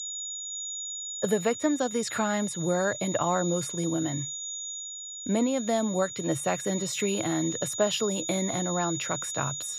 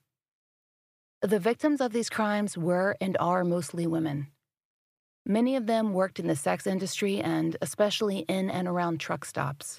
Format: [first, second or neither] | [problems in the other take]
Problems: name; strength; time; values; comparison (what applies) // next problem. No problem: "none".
second | high-pitched whine; loud; throughout; 7 kHz, 5 dB below the speech